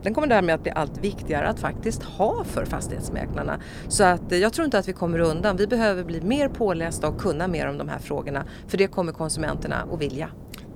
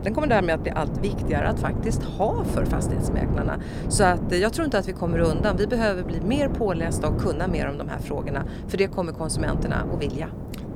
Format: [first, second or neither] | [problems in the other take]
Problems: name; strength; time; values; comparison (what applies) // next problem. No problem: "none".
first | wind noise on the microphone; heavy; 9 dB below the speech; occasional gusts in the first